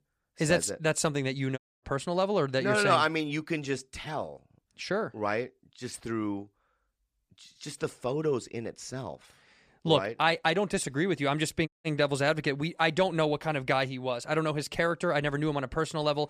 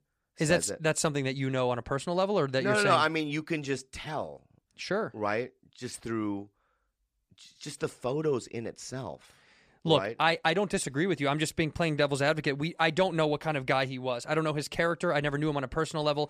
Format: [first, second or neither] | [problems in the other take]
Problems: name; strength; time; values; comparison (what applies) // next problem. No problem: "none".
second | audio cutting out; at 1.5 s and at 12 s